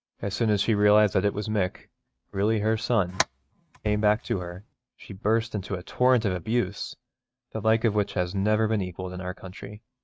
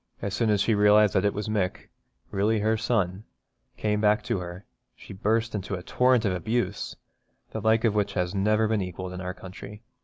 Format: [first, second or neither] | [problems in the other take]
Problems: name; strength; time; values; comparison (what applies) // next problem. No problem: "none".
second | noise reduction (neural mask model RNNoise)